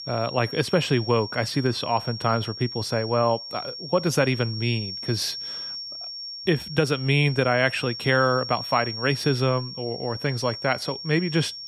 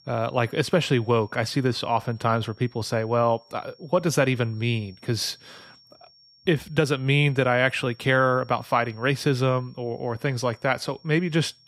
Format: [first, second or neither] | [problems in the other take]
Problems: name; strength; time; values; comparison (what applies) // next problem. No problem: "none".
second | high-pitched whine; loud; throughout; 5.5 kHz, 9 dB below the speech; faint in the second